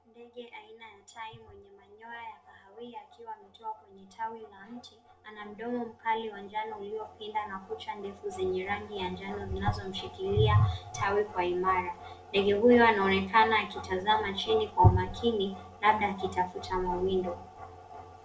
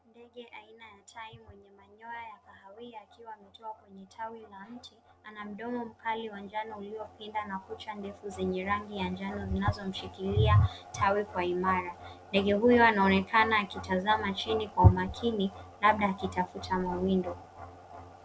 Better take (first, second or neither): second